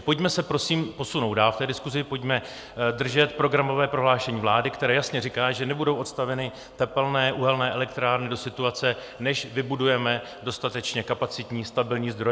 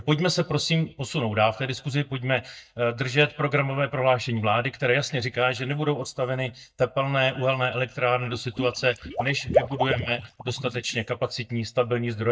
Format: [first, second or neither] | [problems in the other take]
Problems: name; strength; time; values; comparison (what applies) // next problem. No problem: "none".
first | noise reduction (neural mask model DeepFilterNet 3)